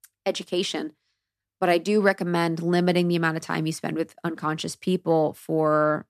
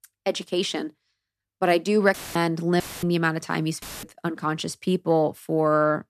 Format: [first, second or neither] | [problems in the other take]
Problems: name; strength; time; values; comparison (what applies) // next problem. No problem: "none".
first | audio cutting out; filled with static; at 2 s, at 3 s and at 4 s